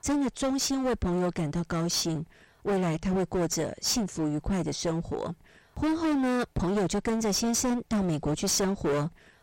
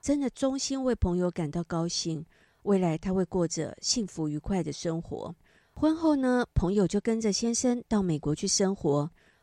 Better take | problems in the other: second | distortion; heavy; 24% of the sound clipped

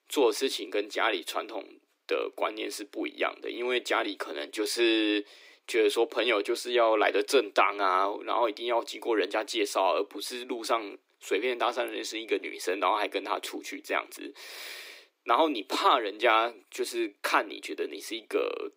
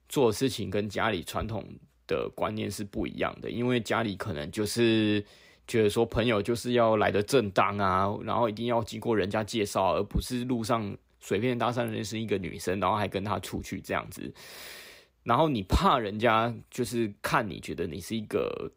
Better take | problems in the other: second | thin; somewhat; fading below 300 Hz

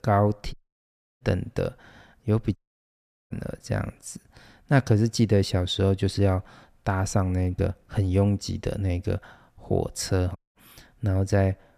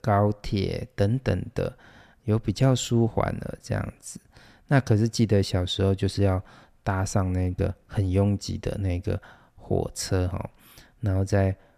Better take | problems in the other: second | audio cutting out; at 0.5 s for 0.5 s, at 2.5 s for 0.5 s and at 10 s

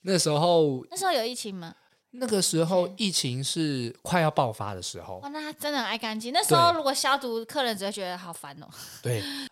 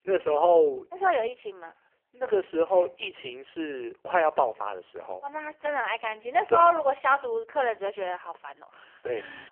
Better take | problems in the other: first | phone-call audio; poor line; nothing above 3 kHz

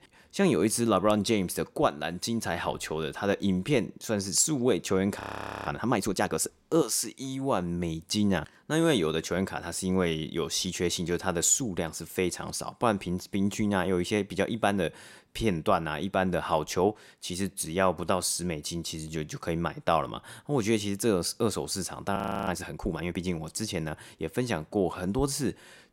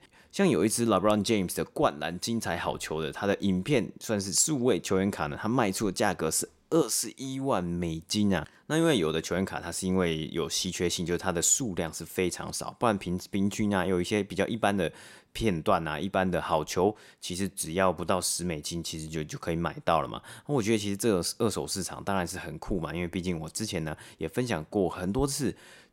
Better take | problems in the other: second | audio freezing; at 5 s and at 22 s

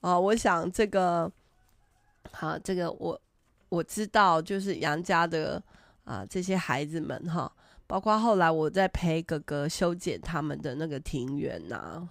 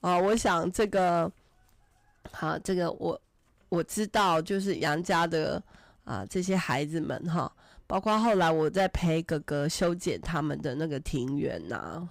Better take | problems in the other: first | distortion; slight; 5% of the sound clipped

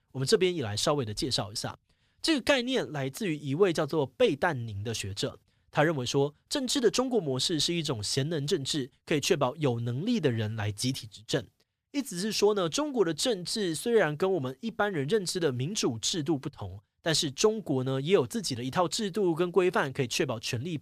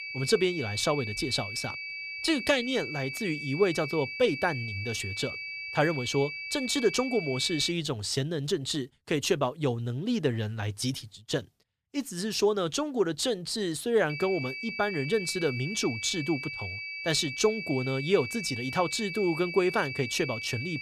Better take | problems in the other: first | high-pitched whine; loud; until 7.5 s and from 14 s on; 2.5 kHz, 6 dB below the speech

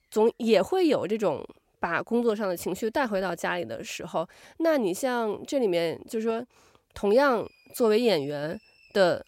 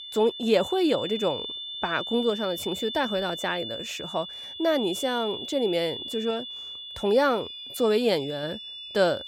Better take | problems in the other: first | high-pitched whine; loud; throughout; 3.5 kHz, 7 dB below the speech

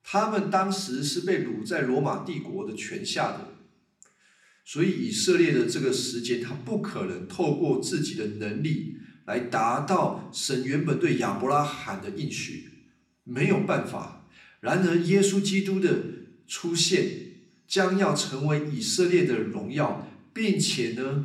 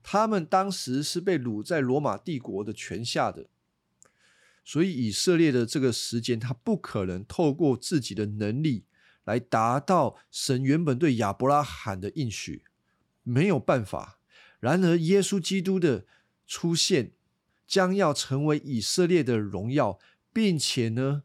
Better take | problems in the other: second | room echo; very slight; dies away in 0.6 s

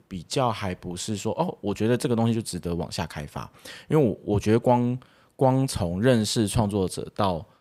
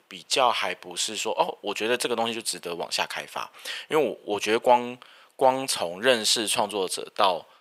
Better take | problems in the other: first | thin; very; fading below 600 Hz

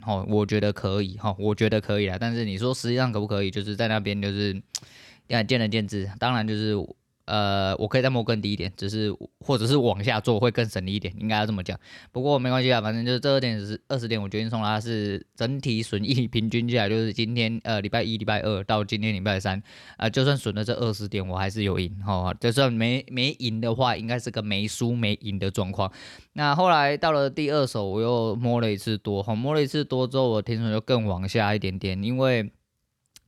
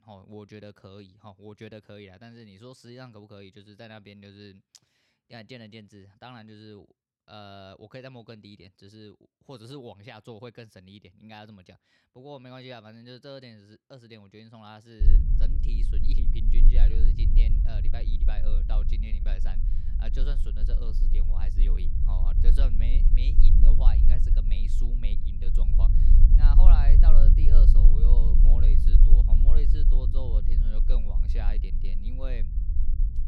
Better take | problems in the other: first | low rumble; loud; from 15 s on; 2 dB below the speech

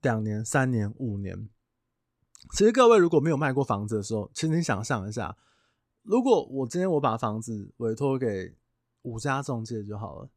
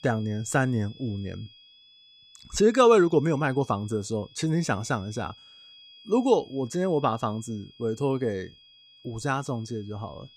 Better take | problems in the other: first | high-pitched whine; faint; throughout; 3.5 kHz, 25 dB below the speech

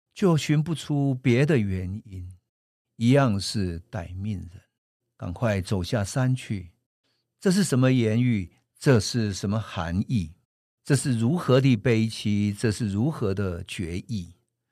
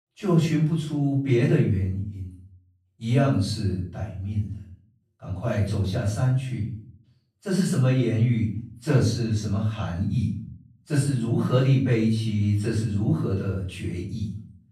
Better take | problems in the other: first | off-mic speech; far // room echo; noticeable; dies away in 0.5 s

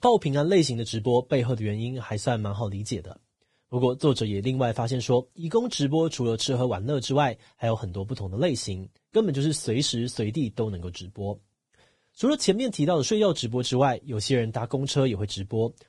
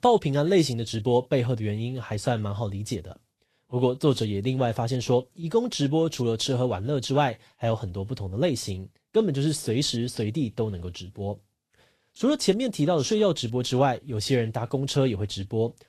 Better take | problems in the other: second | garbled, watery; badly; nothing above 10 kHz; slightly in the second

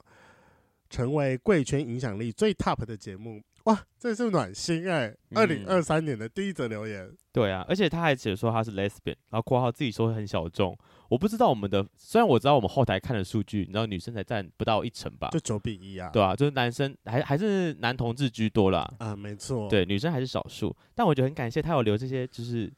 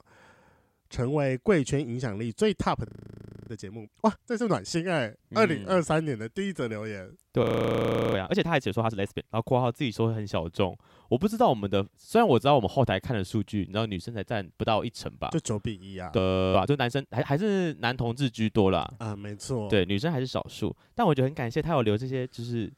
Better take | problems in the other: first | audio freezing; at 3 s for 0.5 s, at 7.5 s for 0.5 s and at 16 s

